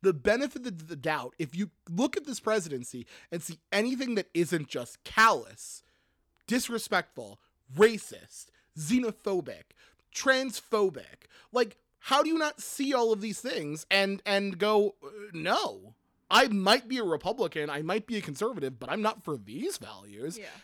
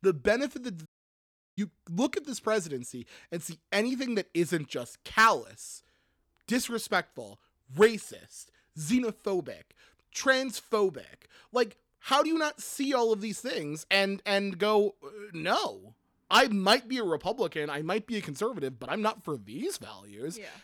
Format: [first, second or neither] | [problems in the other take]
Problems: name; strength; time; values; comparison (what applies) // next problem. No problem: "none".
first | audio cutting out; at 1 s for 0.5 s